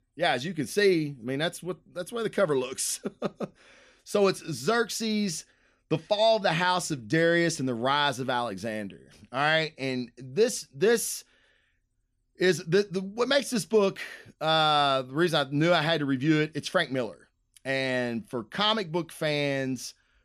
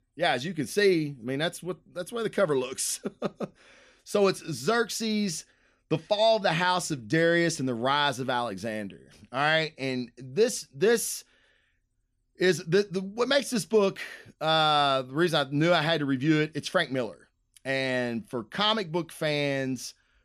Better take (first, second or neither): neither